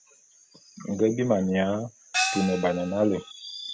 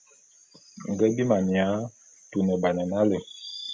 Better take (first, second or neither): second